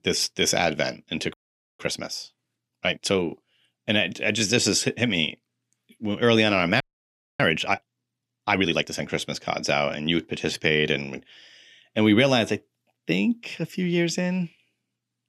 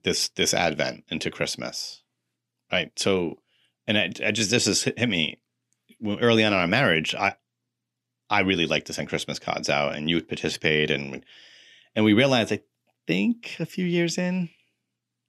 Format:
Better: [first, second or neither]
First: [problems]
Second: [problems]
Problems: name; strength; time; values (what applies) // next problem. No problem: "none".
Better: second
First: audio freezing; at 1.5 s and at 7 s for 0.5 s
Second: none